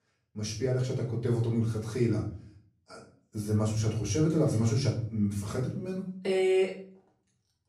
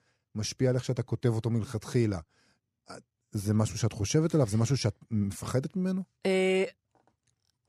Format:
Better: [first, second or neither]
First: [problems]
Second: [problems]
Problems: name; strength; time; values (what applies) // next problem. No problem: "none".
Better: second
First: off-mic speech; far // room echo; slight; dies away in 0.4 s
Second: none